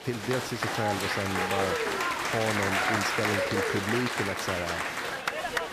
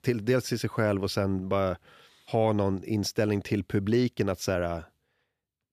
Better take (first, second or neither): second